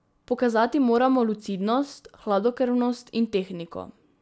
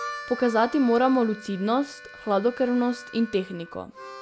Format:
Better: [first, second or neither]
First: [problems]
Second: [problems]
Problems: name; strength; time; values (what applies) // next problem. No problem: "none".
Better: first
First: none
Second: background sound (Harmonica); 15 dB below the speech